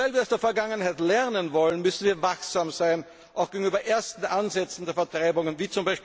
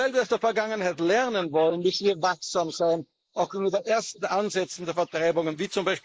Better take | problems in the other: first | noise reduction (neural mask model Resemble Enhance denoiser)

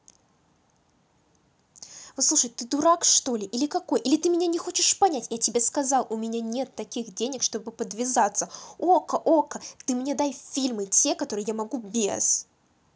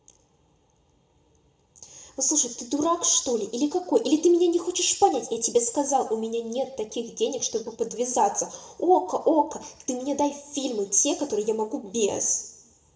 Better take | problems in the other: first | room echo; dies away in 0.6 s

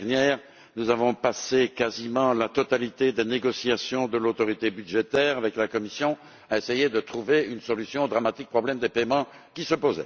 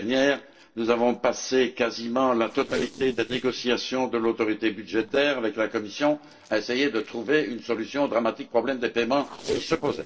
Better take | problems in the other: first | noise reduction (neural separator model SepFormer DNS4)

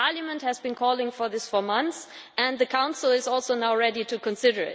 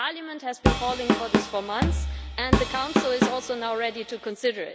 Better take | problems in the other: first | background sound (Drum kit); 4 dB above the speech

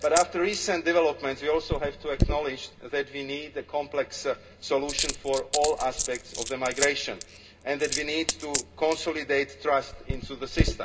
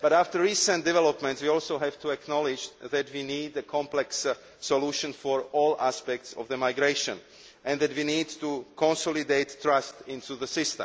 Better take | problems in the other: second | background sound (Coin (dropping)); 5 dB below the speech // room echo; dies away in 0.2 s

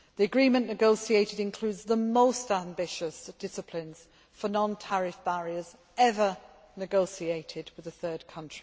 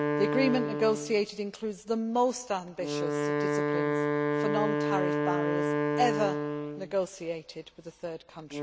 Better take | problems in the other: first | background sound (Wind instrument, woodwind instrument); 1 dB above the speech

